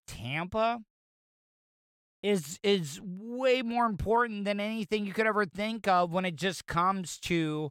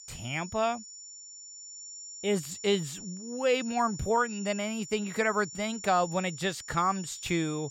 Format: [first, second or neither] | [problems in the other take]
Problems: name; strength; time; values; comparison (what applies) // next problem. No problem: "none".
first | high-pitched whine; noticeable; throughout; 7 kHz, 10 dB below the speech